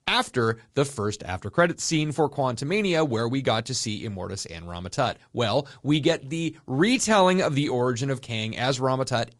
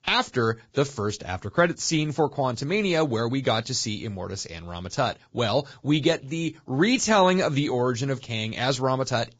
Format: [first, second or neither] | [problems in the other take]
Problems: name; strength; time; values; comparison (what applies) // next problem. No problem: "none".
first | garbled, watery; badly; nothing above 7.5 kHz; slightly in the first